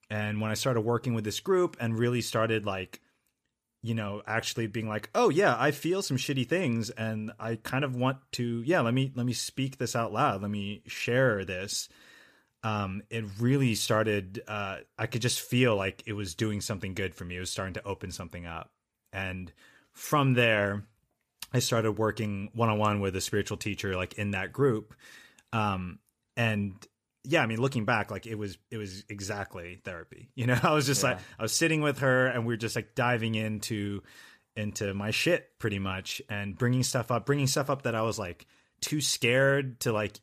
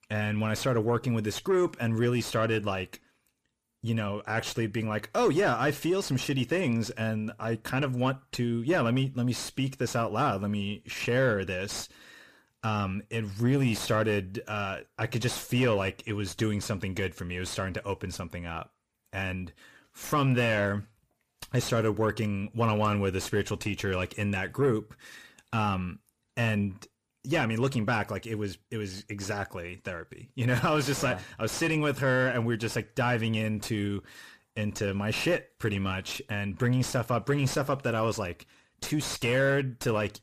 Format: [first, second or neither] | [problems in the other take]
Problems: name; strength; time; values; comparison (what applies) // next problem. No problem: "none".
first | distortion; slight; 10 dB below the speech